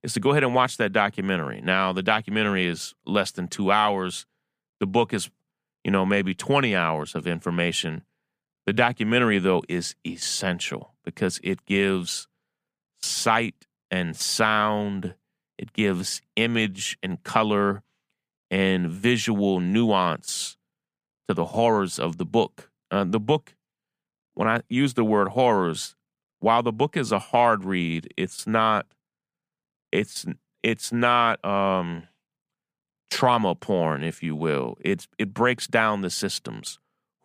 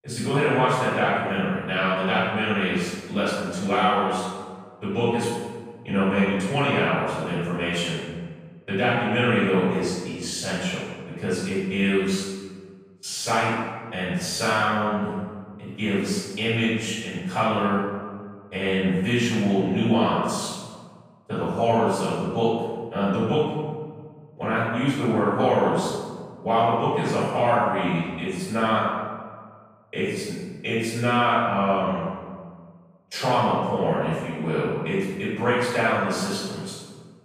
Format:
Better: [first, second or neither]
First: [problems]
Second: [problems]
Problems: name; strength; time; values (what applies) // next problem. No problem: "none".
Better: first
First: none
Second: off-mic speech; far // room echo; strong; dies away in 1.3 s